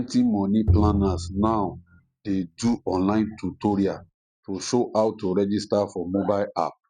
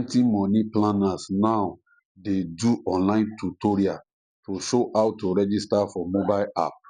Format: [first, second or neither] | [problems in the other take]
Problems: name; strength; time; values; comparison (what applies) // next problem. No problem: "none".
second | noise reduction (neural mask model RNNoise)